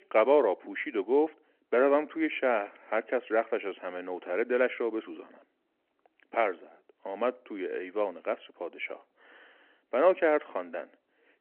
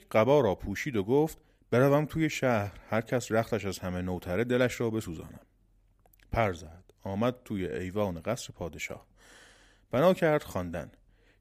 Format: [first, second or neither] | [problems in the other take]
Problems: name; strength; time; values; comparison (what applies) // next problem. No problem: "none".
second | phone-call audio